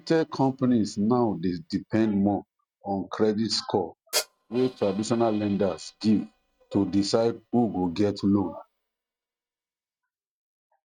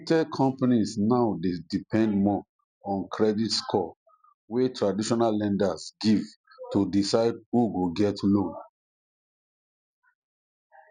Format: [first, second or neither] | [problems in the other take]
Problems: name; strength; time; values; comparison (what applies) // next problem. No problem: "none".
second | noise reduction (neural mask model RNNoise)